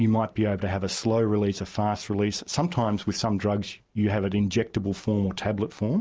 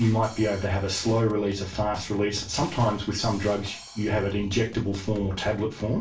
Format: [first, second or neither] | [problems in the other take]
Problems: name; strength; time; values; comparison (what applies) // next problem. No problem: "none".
first | background sound (Drum kit); 16 dB below the speech // room echo; dies away in 0.3 s